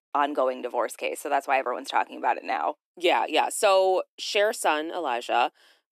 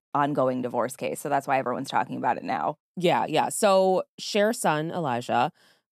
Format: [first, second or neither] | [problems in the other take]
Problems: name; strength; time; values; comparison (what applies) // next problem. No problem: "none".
second | thin; somewhat; fading below 300 Hz